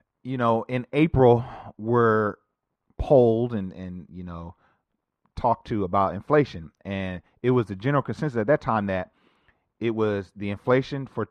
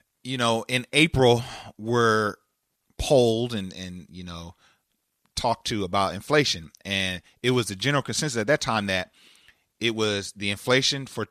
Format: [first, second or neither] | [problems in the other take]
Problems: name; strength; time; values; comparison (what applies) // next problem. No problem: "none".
second | muffled; very; fading above 2.5 kHz